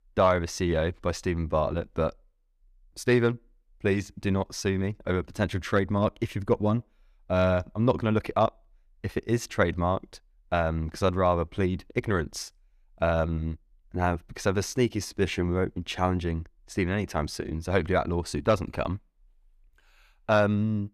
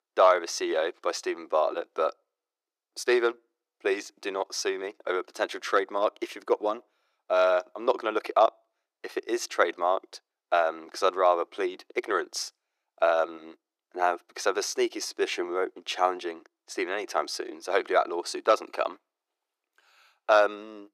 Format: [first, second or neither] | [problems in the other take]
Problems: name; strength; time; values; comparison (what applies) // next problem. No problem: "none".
first | thin; very; fading below 350 Hz